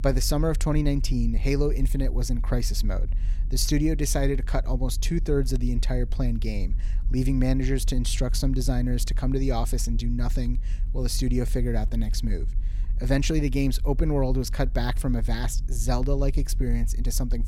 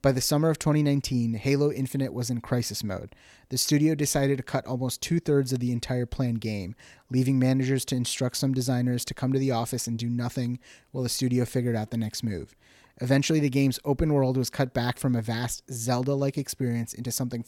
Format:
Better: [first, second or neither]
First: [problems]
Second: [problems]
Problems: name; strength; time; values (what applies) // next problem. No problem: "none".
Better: second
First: low rumble; faint; throughout; 20 dB below the speech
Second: none